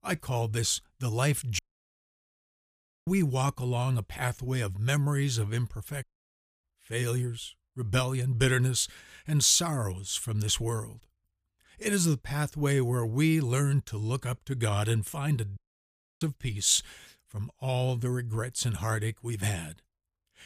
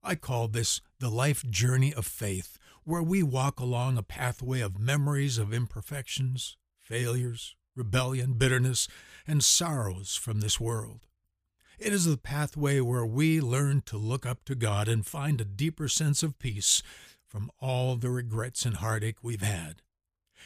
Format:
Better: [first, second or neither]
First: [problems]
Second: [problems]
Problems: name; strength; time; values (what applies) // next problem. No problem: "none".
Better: second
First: audio cutting out; at 1.5 s for 1.5 s, at 6 s for 0.5 s and at 16 s for 0.5 s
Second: none